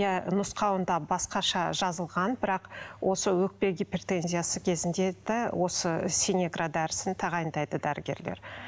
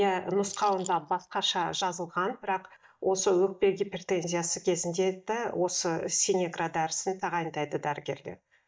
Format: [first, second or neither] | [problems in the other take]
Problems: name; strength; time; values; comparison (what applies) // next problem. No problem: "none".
first | noise reduction (neural mask model DeepFilterNet 3)